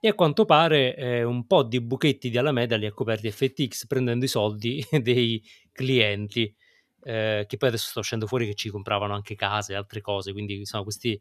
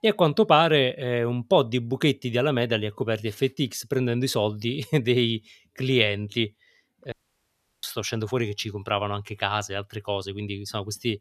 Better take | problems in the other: first | audio cutting out; at 7 s for 0.5 s

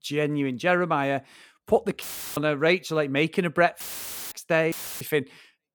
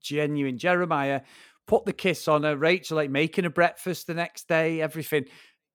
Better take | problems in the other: second | audio cutting out; filled with static; at 2 s, at 4 s for 0.5 s and at 4.5 s

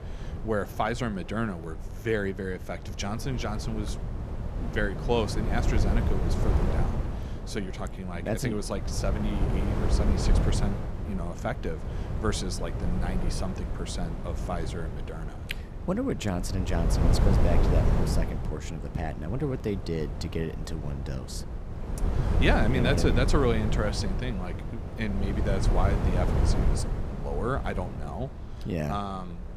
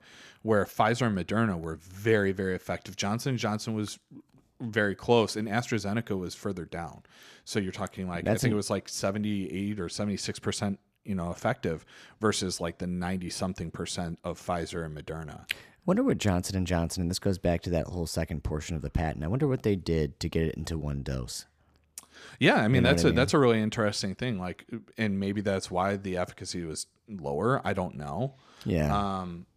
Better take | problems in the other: second | wind noise on the microphone; heavy; 5 dB below the speech

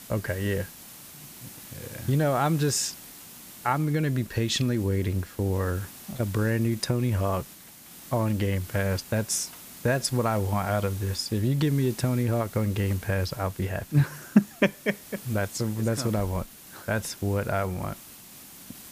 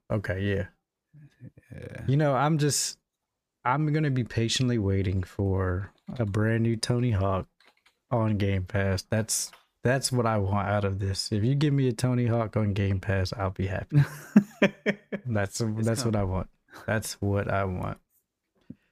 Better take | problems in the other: second | hiss; noticeable; throughout; 15 dB below the speech

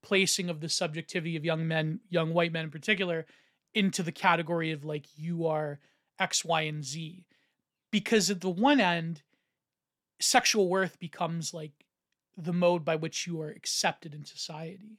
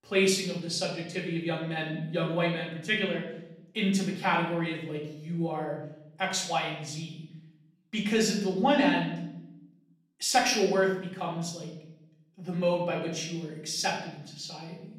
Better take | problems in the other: first | off-mic speech; far // room echo; noticeable; dies away in 0.7 s

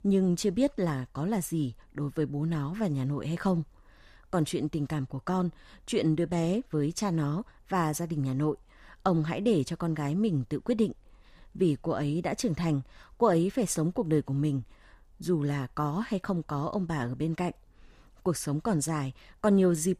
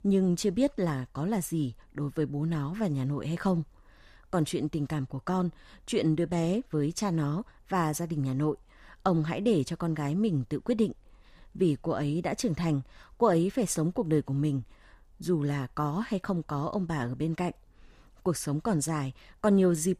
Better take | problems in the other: neither | none

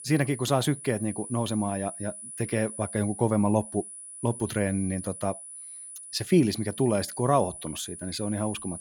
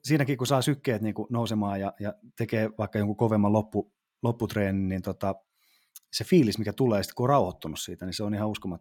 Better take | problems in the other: second | high-pitched whine; noticeable; throughout; 10 kHz, 10 dB below the speech

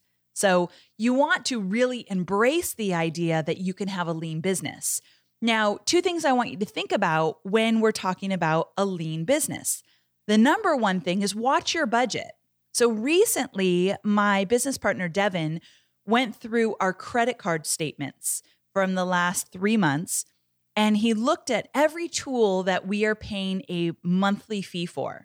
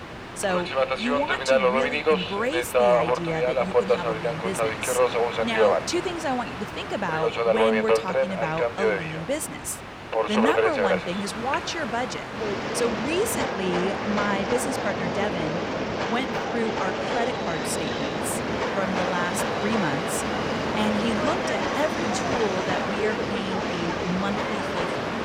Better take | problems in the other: first | train or aircraft noise; very loud; throughout; 4 dB above the speech

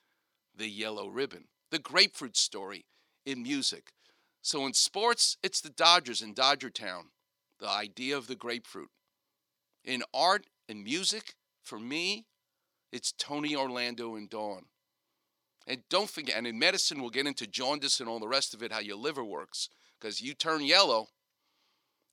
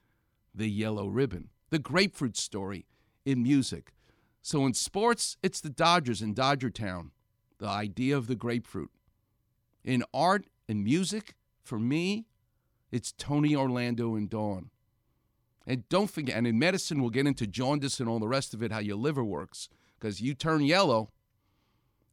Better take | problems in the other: second | thin; somewhat; fading below 450 Hz

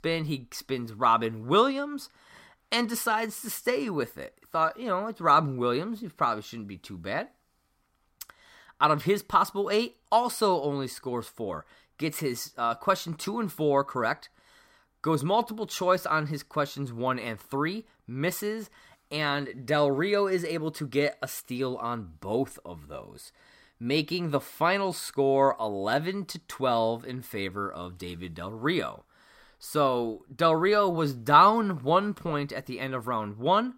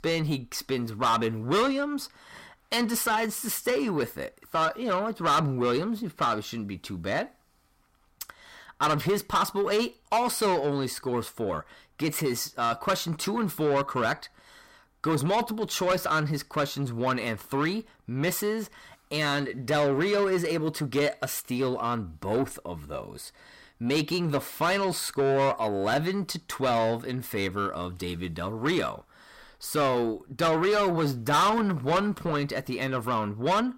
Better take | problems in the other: first | distortion; heavy; 8 dB below the speech

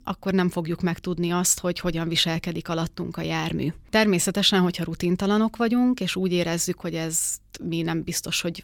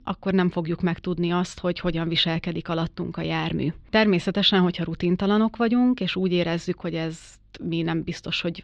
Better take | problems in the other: first | muffled; slightly; fading above 4 kHz

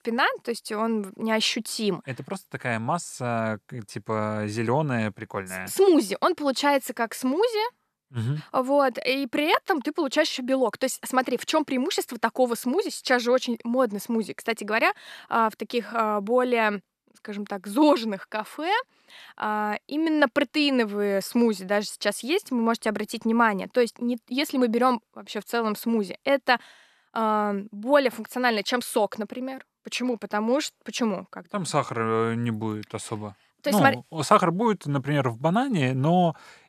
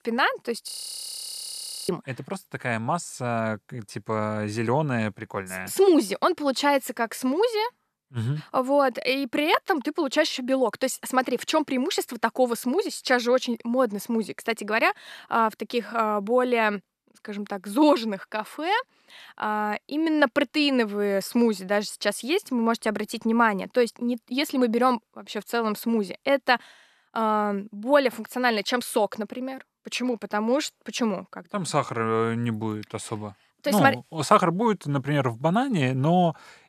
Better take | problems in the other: first | audio freezing; at 0.5 s for 1 s

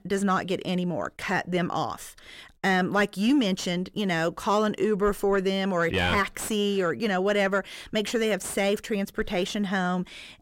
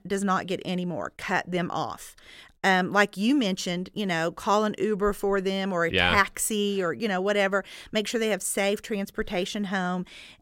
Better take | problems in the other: second | distortion; slight; 10 dB below the speech

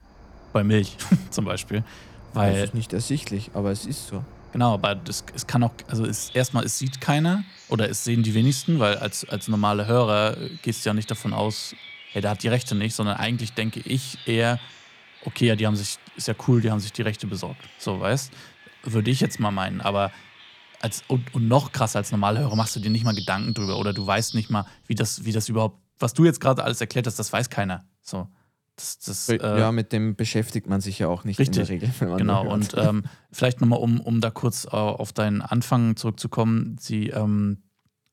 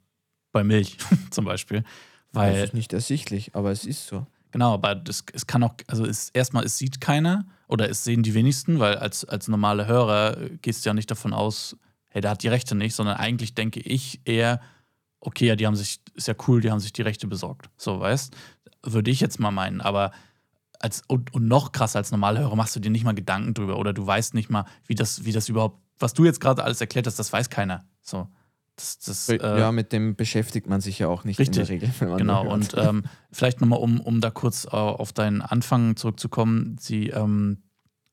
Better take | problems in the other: second | animal sounds; noticeable; until 25 s; 15 dB below the speech

